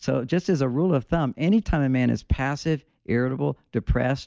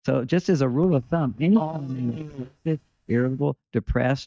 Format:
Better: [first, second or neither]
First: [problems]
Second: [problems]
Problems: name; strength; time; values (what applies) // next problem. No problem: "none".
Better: first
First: none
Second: noise reduction (neural mask model DeepFilterNet 3)